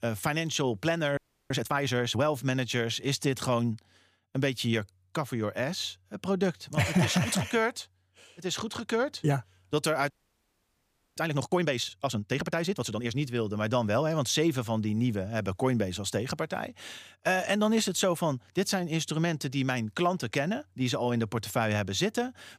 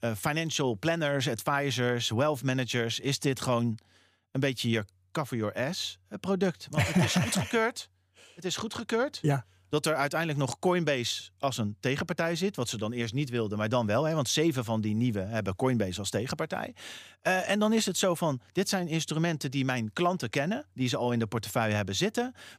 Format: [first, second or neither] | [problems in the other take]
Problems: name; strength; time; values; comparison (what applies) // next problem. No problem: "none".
second | audio freezing; at 1 s and at 10 s for 1 s